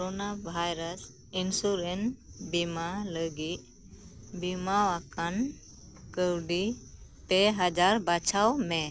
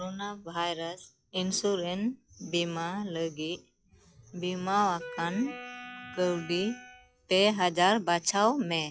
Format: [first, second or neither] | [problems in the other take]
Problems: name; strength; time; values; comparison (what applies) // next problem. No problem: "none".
first | noise reduction (classical method log-MMSE)